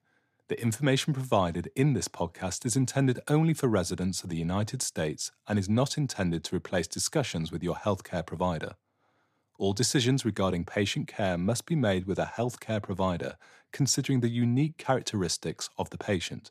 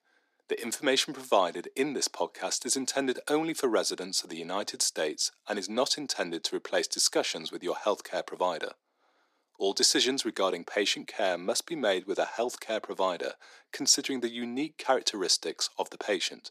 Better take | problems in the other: first | thin; somewhat; fading below 300 Hz

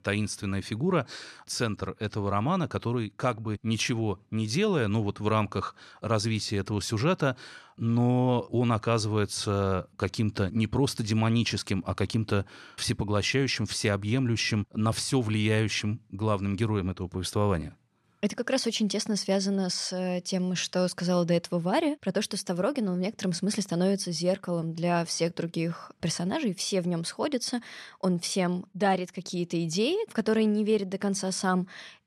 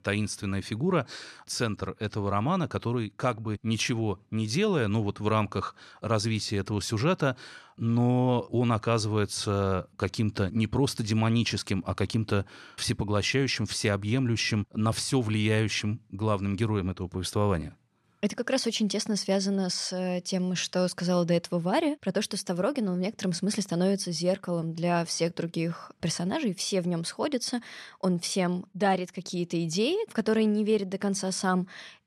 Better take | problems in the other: neither | none

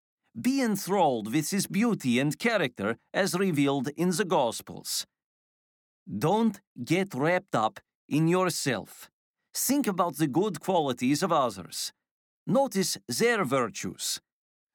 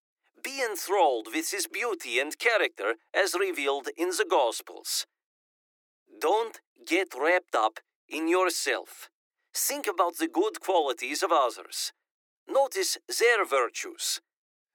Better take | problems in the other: first | thin; very; fading below 350 Hz

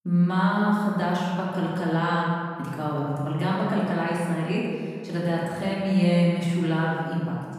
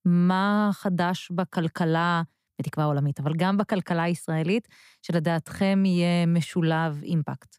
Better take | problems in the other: second | room echo; strong; dies away in 1.7 s // off-mic speech; far

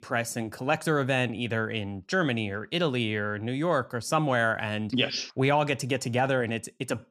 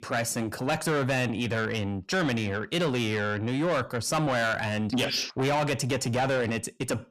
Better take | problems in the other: first | distortion; heavy; 7 dB below the speech

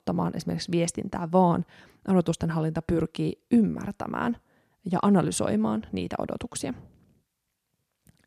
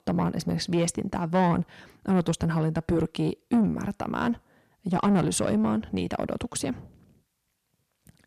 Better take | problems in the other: first | distortion; slight; 10 dB below the speech

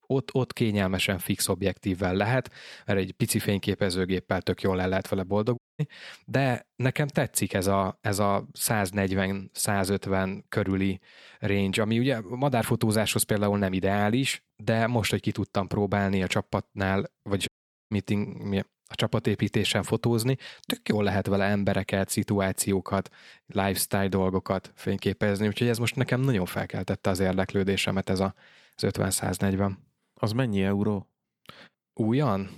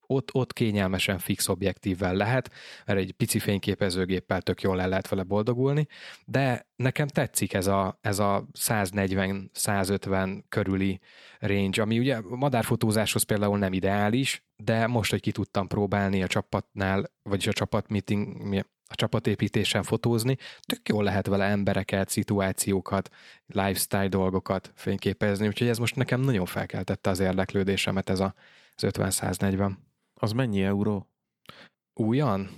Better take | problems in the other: second | audio cutting out; at 5.5 s and at 17 s

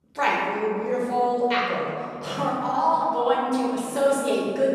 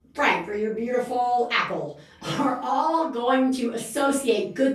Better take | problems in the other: second | room echo; strong; dies away in 2.4 s; slight in the second // off-mic speech; far; far in the second

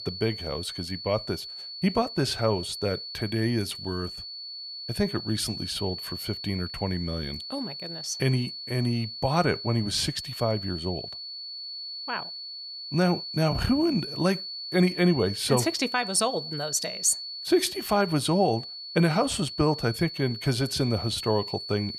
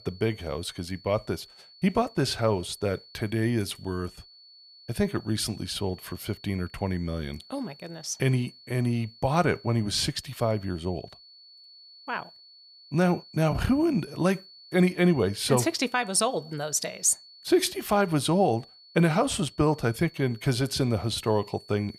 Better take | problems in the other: second | high-pitched whine; loud; throughout; 4.5 kHz, 8 dB below the speech; faint in the second

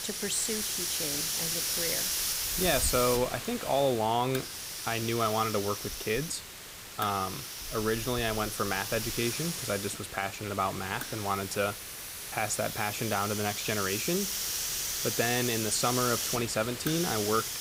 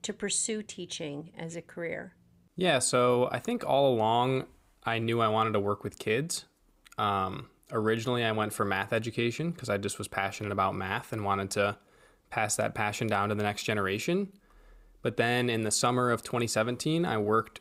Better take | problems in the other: second | hiss; loud; throughout; 1 dB below the speech

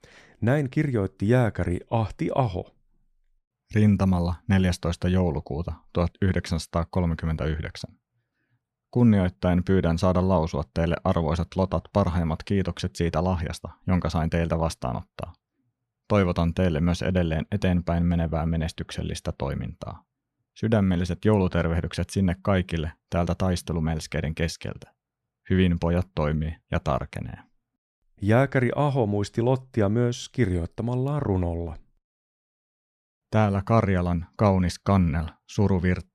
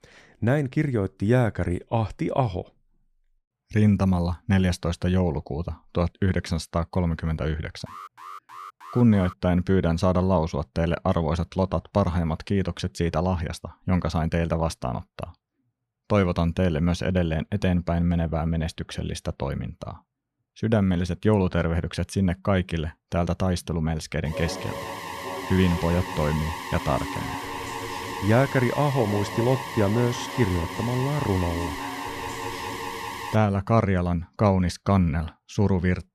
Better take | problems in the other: first | alarm; faint; from 8 to 9.5 s; peak 15 dB below the speech // alarm; noticeable; from 24 to 33 s; peak 6 dB below the speech

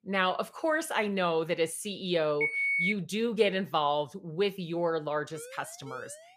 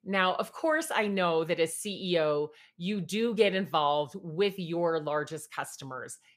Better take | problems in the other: second | phone ringing; loud; at 2.5 s; peak 4 dB above the speech // siren; faint; from 5.5 s on; peak 15 dB below the speech

